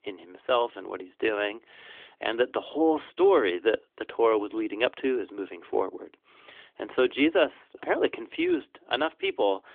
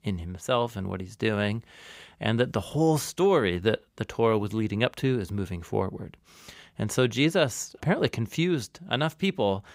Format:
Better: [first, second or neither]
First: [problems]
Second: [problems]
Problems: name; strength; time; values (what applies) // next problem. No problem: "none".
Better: second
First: phone-call audio; nothing above 3.5 kHz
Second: none